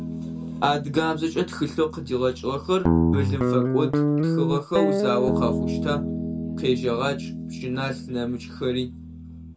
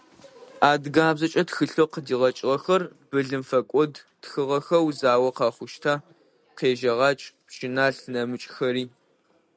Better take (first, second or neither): second